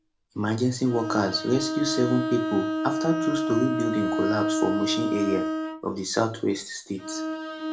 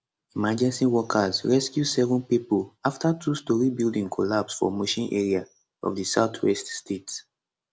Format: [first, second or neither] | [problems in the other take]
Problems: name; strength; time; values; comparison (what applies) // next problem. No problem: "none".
second | background sound (Bowed string instrument); 2 dB below the speech // room echo; dies away in 0.3 s